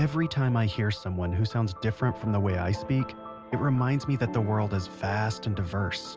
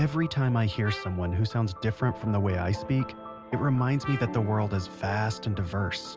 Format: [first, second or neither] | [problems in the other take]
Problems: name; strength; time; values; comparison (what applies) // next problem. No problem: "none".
first | background sound (Trumpet); 16 dB below the speech